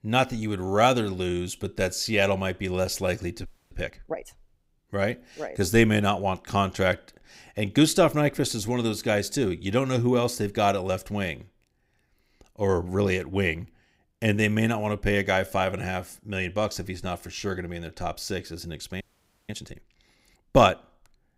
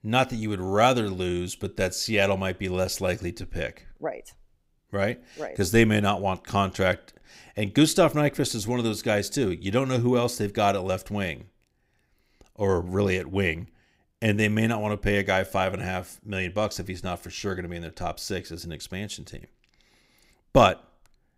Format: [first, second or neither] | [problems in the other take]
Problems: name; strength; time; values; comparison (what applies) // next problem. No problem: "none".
second | audio freezing; at 3.5 s and at 19 s